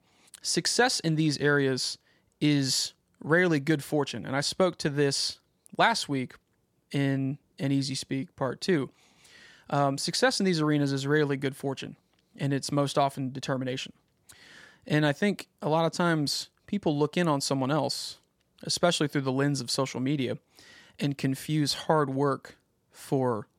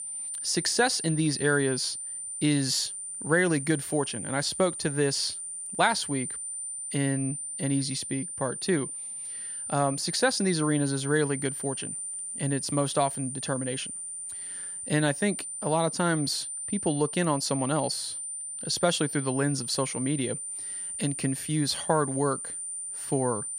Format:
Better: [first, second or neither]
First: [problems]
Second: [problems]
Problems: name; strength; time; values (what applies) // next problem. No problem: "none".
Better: first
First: none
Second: high-pitched whine; loud; throughout; 9 kHz, 5 dB below the speech